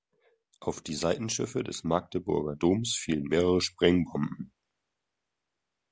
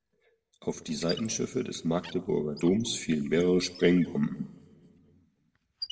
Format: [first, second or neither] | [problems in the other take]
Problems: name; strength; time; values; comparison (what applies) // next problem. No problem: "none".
first | background sound (Squeak); 20 dB below the speech // room echo; dies away in 1.1 s